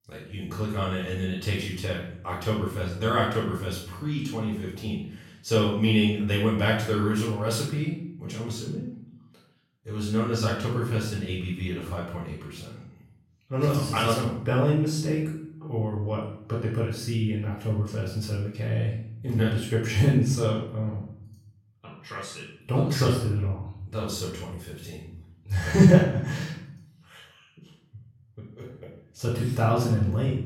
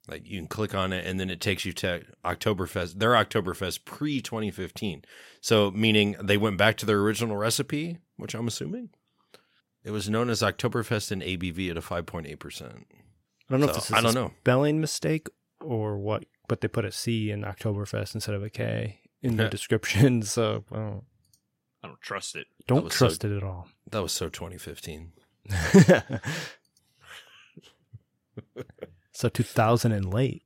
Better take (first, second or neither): second